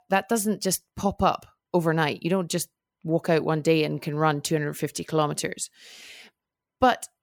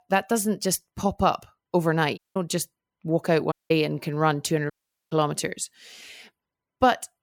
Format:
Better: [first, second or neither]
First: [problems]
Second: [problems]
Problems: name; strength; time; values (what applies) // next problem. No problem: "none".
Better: first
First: none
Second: audio cutting out; at 2 s, at 3.5 s and at 4.5 s